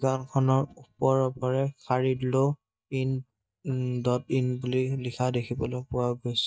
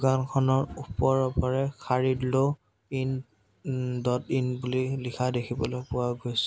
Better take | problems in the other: second | noise reduction (neural mask model DeepFilterNet 3)

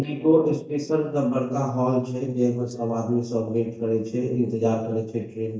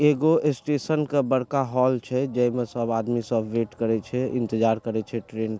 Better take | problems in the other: second | noise reduction (neural mask model DeepFilterNet 3)

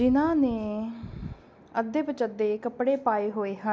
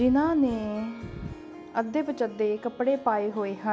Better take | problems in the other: first | background sound (Harp); 20 dB below the speech

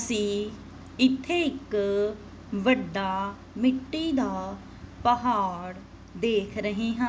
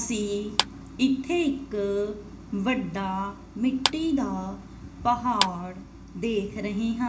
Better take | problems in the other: first | background sound (Clapping); 5 dB below the speech // room echo; dies away in 0.4 s

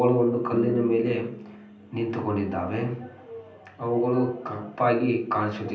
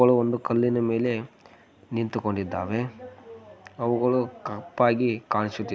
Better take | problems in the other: second | background sound (Piano); 16 dB below the speech // room echo; dies away in 0.6 s

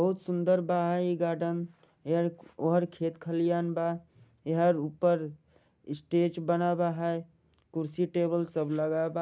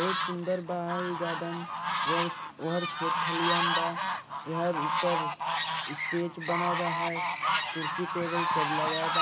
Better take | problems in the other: first | background sound (Fowl); 3 dB above the speech

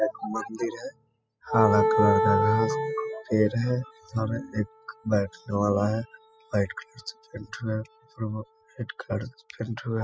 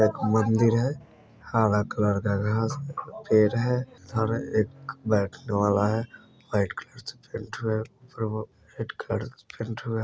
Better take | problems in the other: second | noise reduction (classical method spectral subtraction)

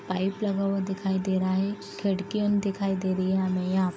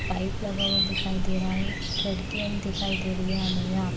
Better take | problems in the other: first | background sound (Chirp, tweet); 1 dB above the speech // room echo; dies away in 0.5 s

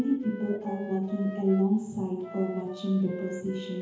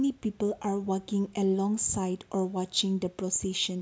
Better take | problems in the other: second | background sound (Wind instrument, woodwind instrument); 15 dB below the speech // room echo; dies away in 1 s

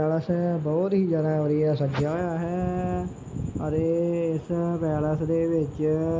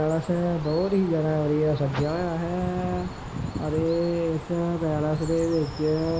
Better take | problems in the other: first | background sound (Bird); 15 dB below the speech

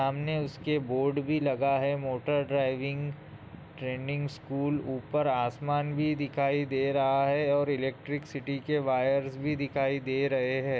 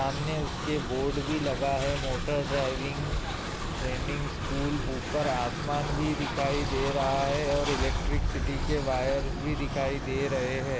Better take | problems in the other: first | background sound (Train); 1 dB below the speech

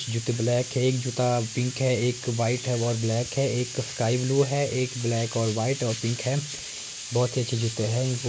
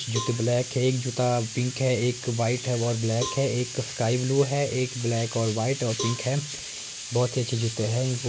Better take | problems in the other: first | background sound (Cowbell); 15 dB below the speech

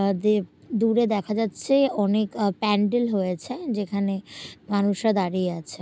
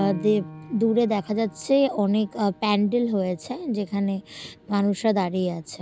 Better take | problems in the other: first | background sound (Piano); 19 dB below the speech

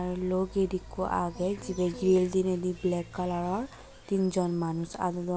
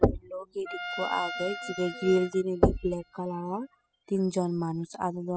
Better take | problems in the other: first | noise reduction (classical method spectral subtraction)

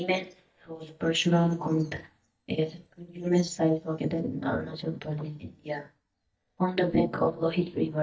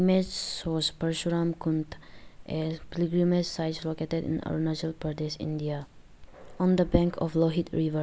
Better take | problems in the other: second | noise reduction (neural mask model DeepFilterNet 3)

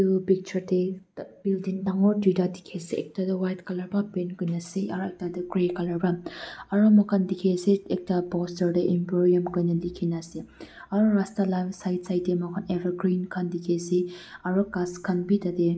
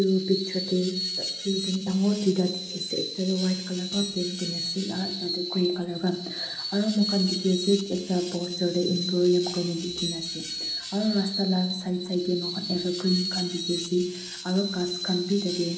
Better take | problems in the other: first | background sound (Screech); 7 dB below the speech // room echo; dies away in 1 s

